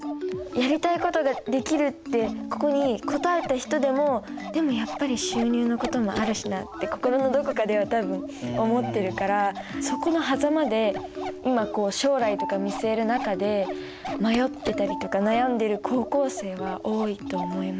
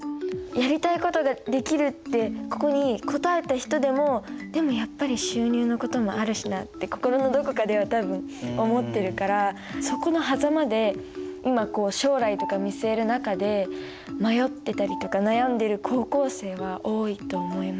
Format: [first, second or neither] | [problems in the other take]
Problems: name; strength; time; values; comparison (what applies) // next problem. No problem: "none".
second | background sound (Telephone + Bark); 14 dB below the speech